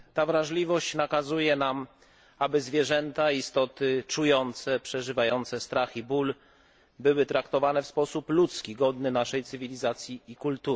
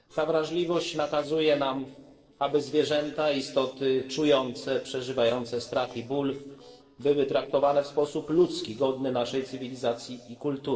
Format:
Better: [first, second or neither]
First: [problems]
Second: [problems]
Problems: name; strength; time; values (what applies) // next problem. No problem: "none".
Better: first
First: none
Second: noise reduction (neural separator model SepFormer DNS4)